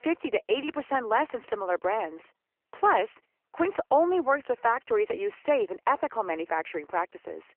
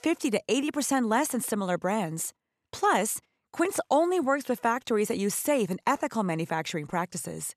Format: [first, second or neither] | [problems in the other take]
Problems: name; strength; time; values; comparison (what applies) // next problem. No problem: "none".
second | phone-call audio; poor line; nothing above 3 kHz